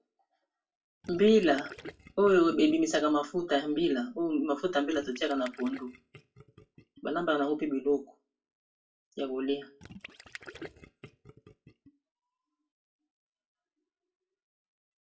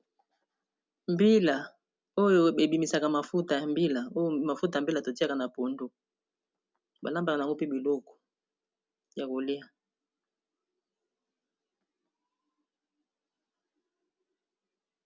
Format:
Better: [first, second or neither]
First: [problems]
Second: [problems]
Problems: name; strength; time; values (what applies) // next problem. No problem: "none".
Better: second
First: noise reduction (classical method WPE with log-MMSE)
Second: none